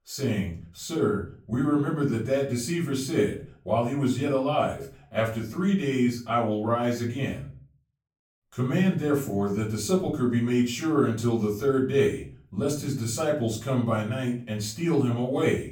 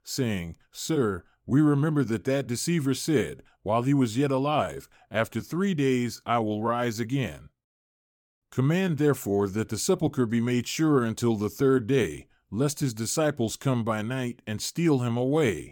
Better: second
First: off-mic speech; far // room echo; slight; dies away in 0.4 s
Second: none

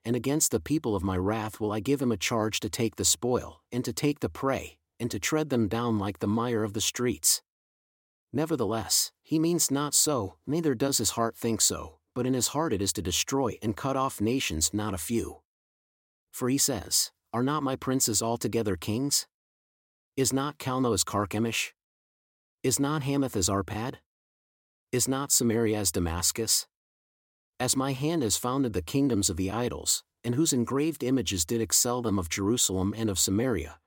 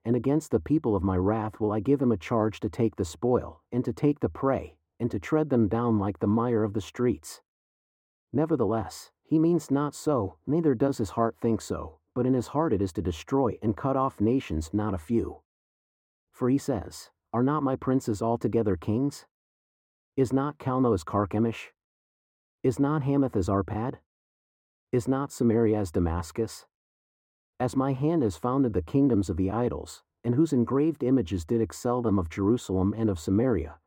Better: first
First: none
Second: muffled; very; fading above 2.5 kHz

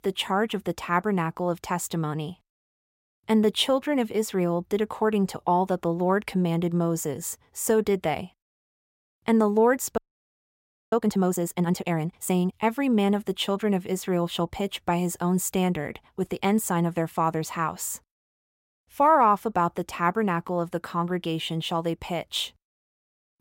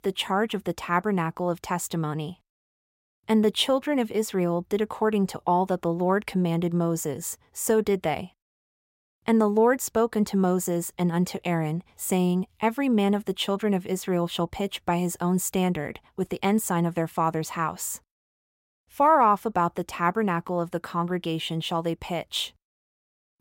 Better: second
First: audio freezing; at 10 s for 1 s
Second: none

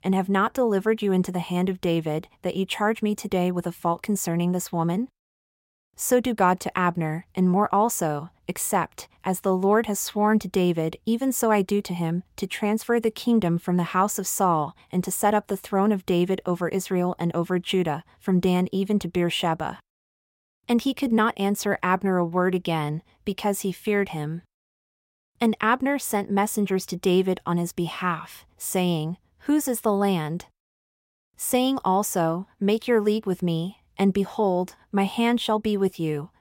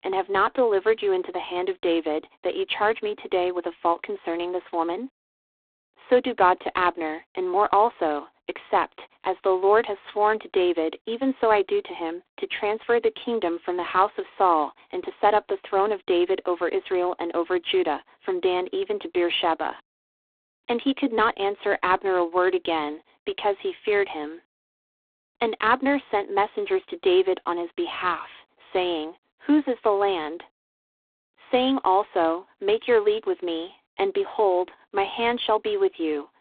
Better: first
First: none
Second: phone-call audio; poor line

